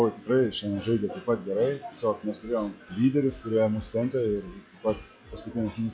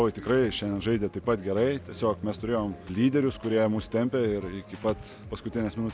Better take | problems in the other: second | noise reduction (classical method log-MMSE)

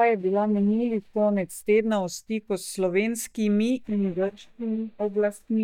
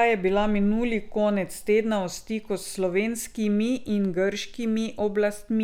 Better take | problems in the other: second | noise reduction (neural mask model DeepFilterNet 3)

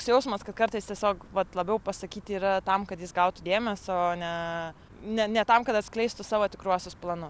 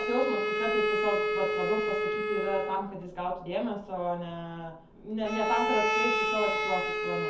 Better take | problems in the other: first | background sound (Bowed string instrument); 2 dB above the speech // room echo; dies away in 0.5 s

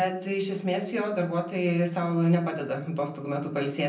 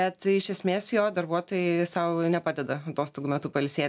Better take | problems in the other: second | room echo; dies away in 0.6 s

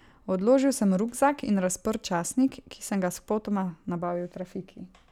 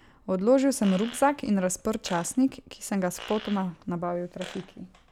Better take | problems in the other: first | background sound (Fart); 19 dB below the speech

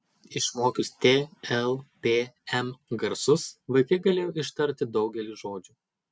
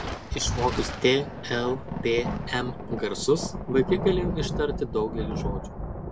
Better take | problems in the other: first | background sound (Thunder); 4 dB below the speech

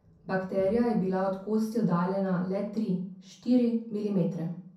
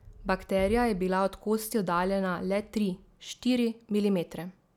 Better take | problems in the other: second | room echo; dies away in 0.5 s

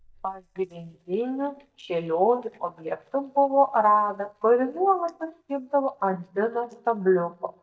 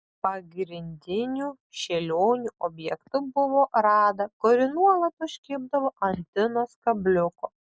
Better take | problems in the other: second | noise reduction (neural mask model DeepFilterNet 3)

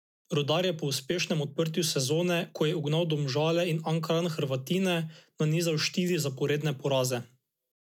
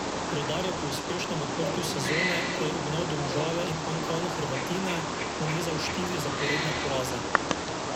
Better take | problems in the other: first | background sound (Wild animals); 3 dB above the speech

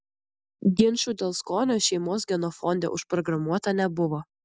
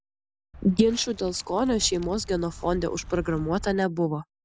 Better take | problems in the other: first | background sound (Walk, footsteps); 14 dB below the speech

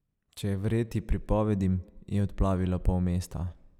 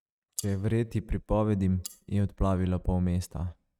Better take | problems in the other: first | noise reduction (neural mask model RNNoise)

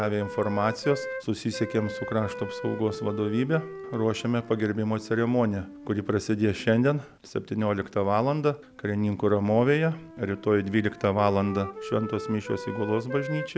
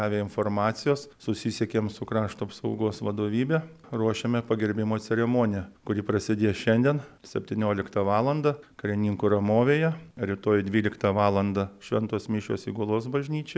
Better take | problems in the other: second | background sound (Wind instrument, woodwind instrument); 13 dB below the speech

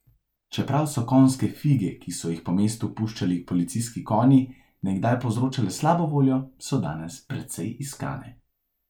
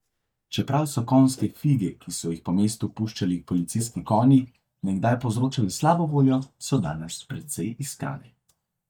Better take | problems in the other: first | noise reduction (neural mask model DeepFilterNet 3)

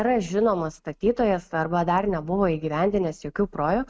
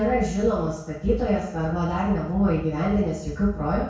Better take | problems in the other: first | room echo; dies away in 0.6 s

